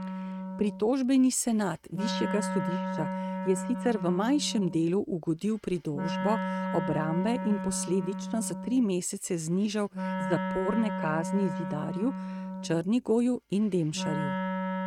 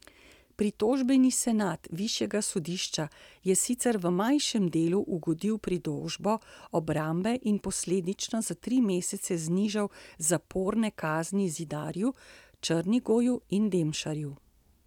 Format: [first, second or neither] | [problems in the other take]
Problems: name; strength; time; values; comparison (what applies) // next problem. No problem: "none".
second | noise reduction (neural mask model RNNoise)